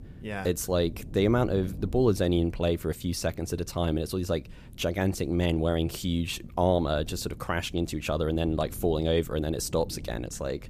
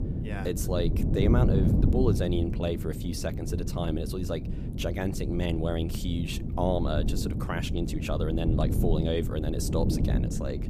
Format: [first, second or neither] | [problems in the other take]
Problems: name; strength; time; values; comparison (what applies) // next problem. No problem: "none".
first | wind noise on the microphone; heavy; 6 dB below the speech; occasional gusts in the first